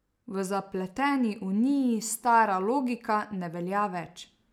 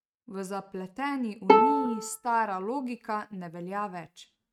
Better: first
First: none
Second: noise reduction (neural mask model RNNoise)

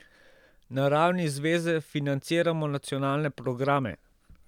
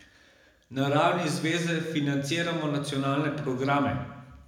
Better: first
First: none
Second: room echo; dies away in 0.9 s

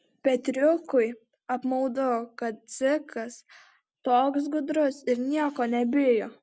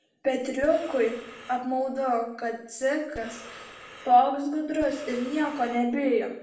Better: first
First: none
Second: background sound (Breathing); 19 dB below the speech // room echo; dies away in 0.6 s

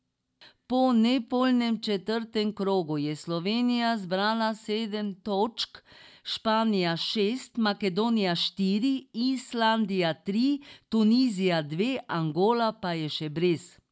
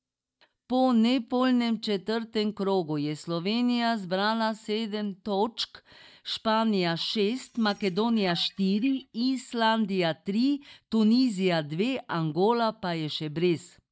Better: first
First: none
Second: noise reduction (neural mask model DeepFilterNet 3)

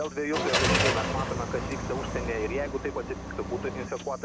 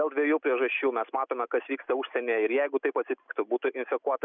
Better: second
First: background sound (Car); 2 dB above the speech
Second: none

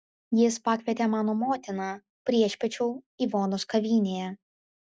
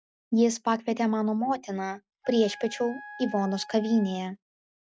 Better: first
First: none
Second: noise reduction (neural mask model RNNoise)

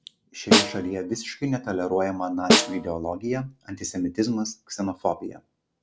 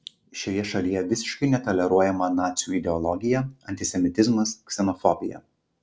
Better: second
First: background sound (Snare drum); 4 dB above the speech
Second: none

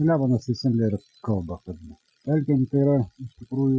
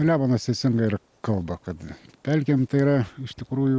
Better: second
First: noise reduction (classical method Wiener filter)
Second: none

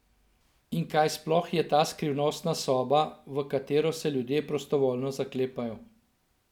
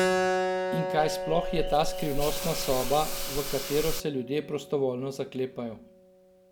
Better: first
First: none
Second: background sound (Hiss / Insect + Keyboard (musical)); 1 dB below the speech

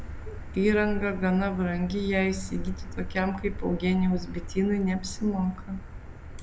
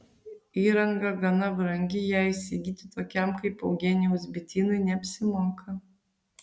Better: second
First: background sound (Motor vehicle (road)); 8 dB below the speech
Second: none

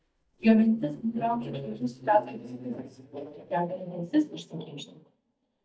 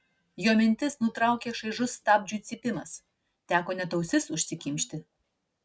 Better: second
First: noise reduction (neural mask model DeepFilterNet 3)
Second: none

